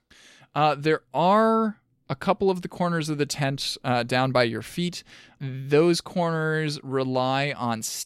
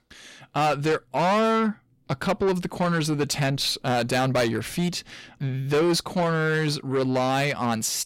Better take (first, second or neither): first